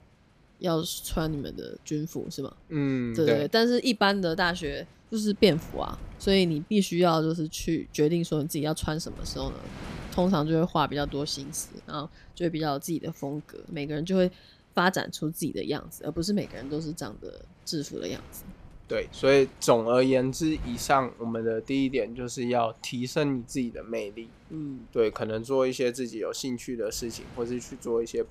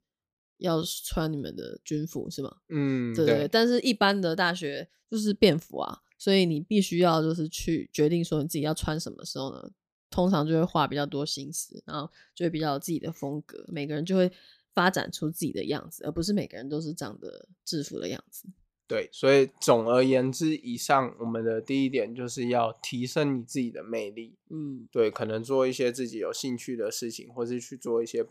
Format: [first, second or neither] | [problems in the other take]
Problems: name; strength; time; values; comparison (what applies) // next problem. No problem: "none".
second | wind noise on the microphone; occasional gusts; 25 dB below the speech